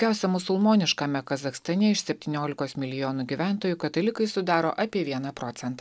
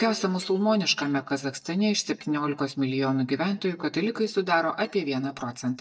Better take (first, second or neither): first